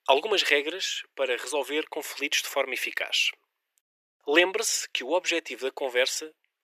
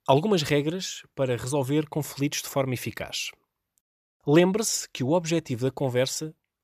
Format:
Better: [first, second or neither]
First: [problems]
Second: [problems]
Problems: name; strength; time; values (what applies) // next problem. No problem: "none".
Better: second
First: thin; very; fading below 350 Hz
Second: none